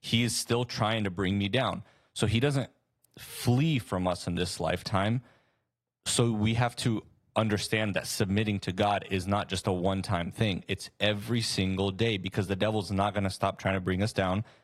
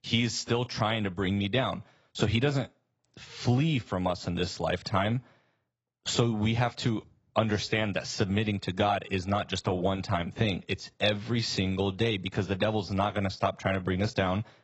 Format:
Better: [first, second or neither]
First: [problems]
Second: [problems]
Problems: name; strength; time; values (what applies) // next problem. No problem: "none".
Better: first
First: garbled, watery; slightly; nothing above 13 kHz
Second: garbled, watery; badly; nothing above 7.5 kHz